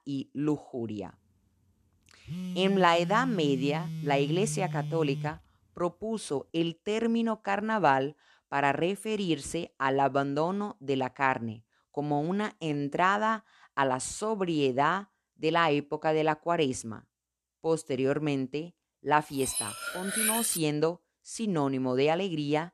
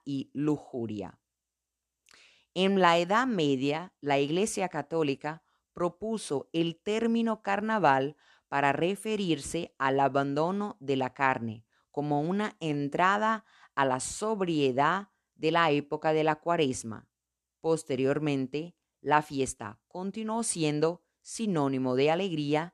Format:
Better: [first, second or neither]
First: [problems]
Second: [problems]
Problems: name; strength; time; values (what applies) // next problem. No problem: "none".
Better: second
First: phone ringing; noticeable; from 2.5 to 5.5 s; peak 7 dB below the speech // clattering dishes; loud; from 19 to 21 s; peak 3 dB above the speech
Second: none